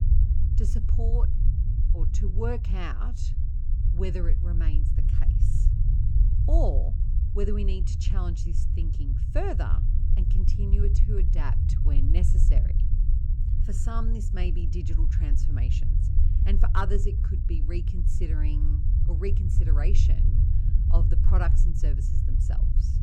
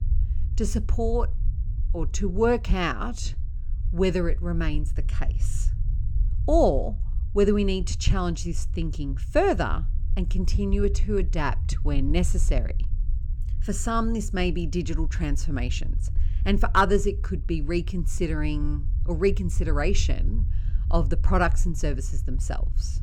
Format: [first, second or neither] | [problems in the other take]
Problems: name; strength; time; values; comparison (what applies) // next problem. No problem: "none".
second | low rumble; loud; throughout; 5 dB below the speech; faint in the second